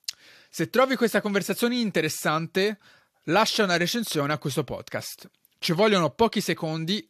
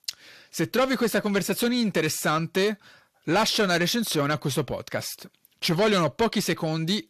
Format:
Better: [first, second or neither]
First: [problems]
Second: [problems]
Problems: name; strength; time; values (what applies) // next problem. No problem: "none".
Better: first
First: none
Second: distortion; slight; 10 dB below the speech